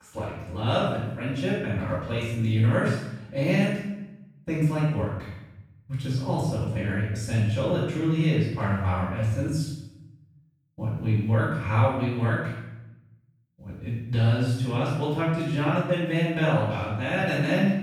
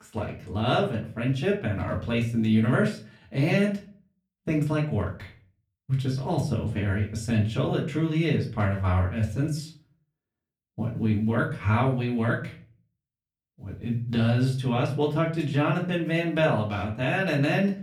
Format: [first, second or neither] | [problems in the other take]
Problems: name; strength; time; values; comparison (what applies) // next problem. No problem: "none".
second | room echo; strong; dies away in 0.8 s; slight in the second // off-mic speech; far; far in the second